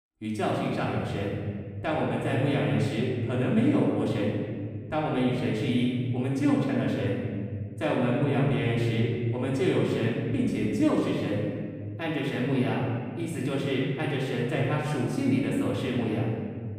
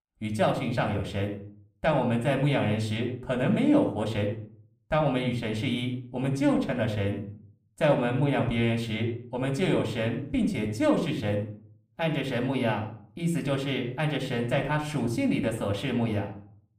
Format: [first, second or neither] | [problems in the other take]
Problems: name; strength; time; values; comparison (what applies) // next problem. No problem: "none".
second | room echo; strong; dies away in 2.1 s; slight in the second // off-mic speech; far; somewhat distant in the second